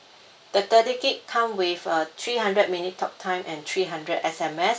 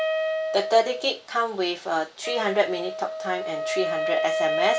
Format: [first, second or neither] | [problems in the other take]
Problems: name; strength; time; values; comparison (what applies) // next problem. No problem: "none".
first | background sound (Wind instrument, woodwind instrument); 2 dB below the speech